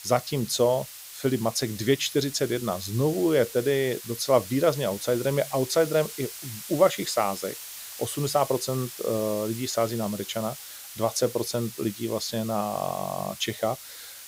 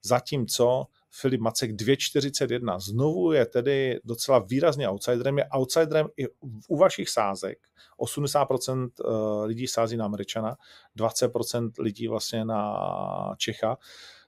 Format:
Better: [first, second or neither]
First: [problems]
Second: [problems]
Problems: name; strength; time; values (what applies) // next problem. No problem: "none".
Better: second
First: hiss; noticeable; throughout; 10 dB below the speech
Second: none